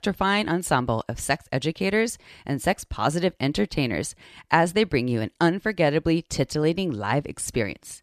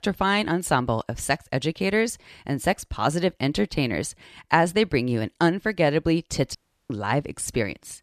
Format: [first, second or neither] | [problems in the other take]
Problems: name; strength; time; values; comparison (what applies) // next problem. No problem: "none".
first | audio cutting out; at 6.5 s